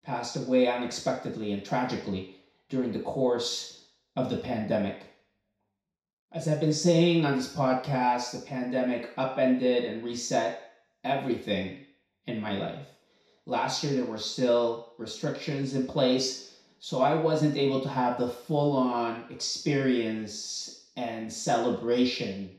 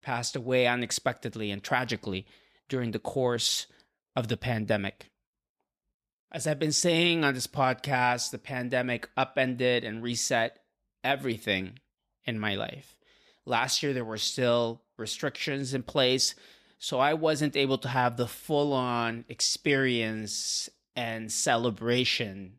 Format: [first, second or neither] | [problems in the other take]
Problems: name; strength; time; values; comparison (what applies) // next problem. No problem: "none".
second | room echo; noticeable; dies away in 0.6 s // off-mic speech; far